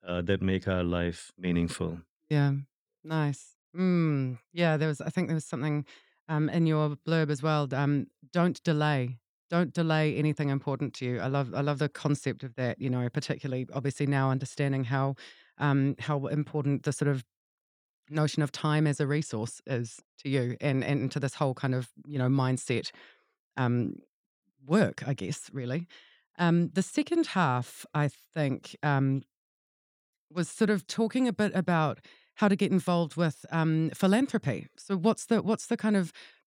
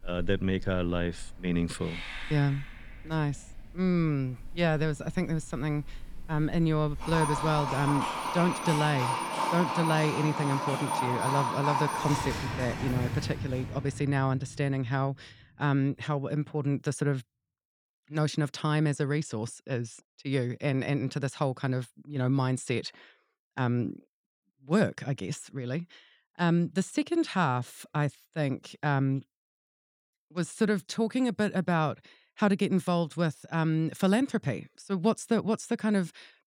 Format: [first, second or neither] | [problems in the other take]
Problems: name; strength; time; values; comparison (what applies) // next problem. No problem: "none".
first | animal sounds; loud; until 13 s; 3 dB below the speech